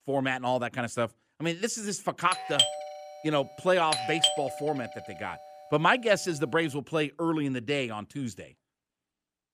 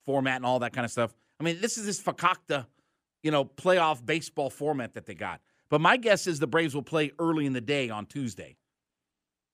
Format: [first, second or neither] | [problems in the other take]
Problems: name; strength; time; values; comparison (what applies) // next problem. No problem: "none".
second | doorbell; loud; from 2.5 to 4.5 s; peak 5 dB above the speech